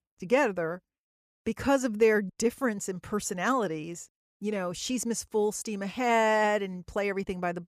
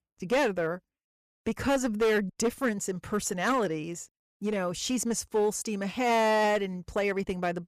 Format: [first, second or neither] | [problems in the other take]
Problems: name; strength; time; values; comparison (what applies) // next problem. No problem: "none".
first | distortion; slight; 8% of the sound clipped